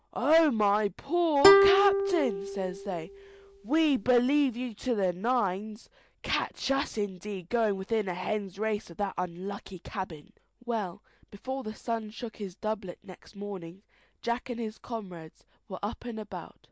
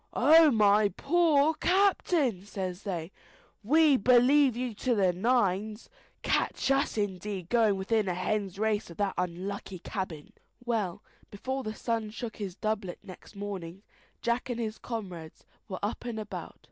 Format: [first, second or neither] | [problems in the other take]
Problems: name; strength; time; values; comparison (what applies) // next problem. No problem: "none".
second | background sound (Plucked string instrument); 4 dB above the speech